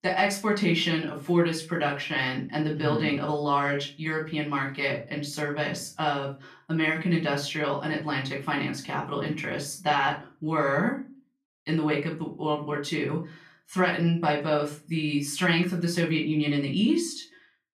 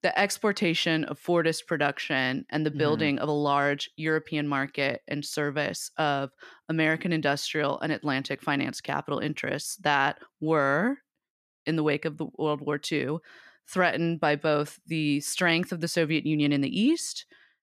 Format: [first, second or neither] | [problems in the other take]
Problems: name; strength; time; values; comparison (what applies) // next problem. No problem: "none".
second | off-mic speech; far // room echo; slight; dies away in 0.3 s